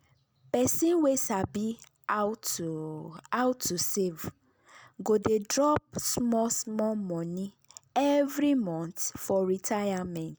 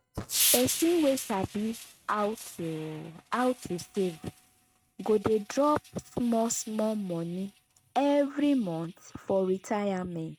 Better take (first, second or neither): first